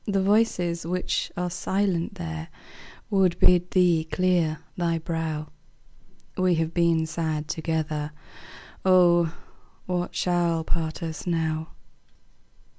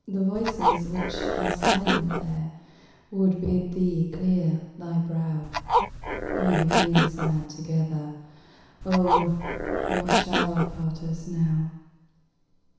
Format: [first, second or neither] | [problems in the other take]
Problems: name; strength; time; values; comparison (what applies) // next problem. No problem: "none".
first | background sound (Zipper (clothing)); 2 dB above the speech // room echo; dies away in 1 s